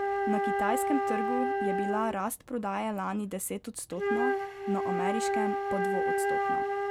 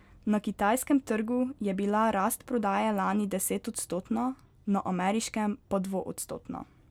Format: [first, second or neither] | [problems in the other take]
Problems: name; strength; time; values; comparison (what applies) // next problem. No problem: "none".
second | background sound (Wind instrument, woodwind instrument); 3 dB above the speech